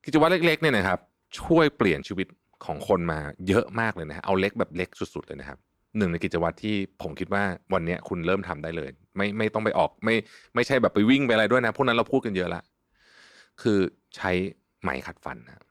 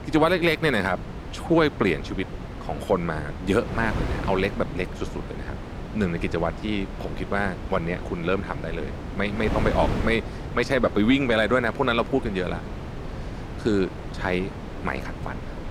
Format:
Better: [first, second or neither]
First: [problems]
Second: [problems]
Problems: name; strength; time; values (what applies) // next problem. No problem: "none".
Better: first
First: none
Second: wind noise on the microphone; occasional gusts; 10 dB below the speech